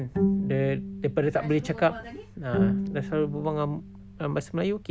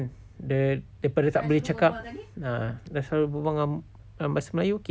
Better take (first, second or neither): second